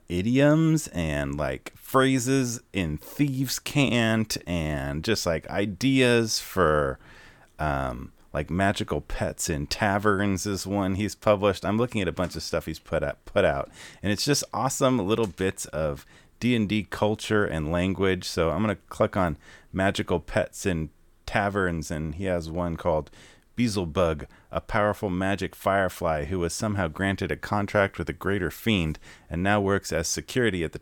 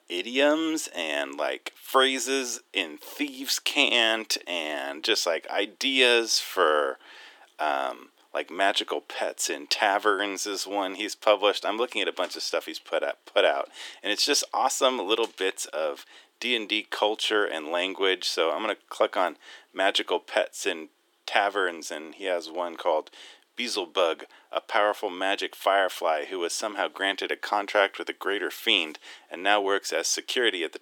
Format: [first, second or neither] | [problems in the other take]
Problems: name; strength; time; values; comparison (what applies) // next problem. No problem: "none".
first | thin; somewhat; fading below 300 Hz